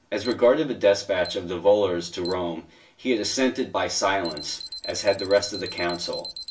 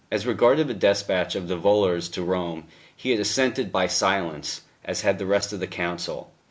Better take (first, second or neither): second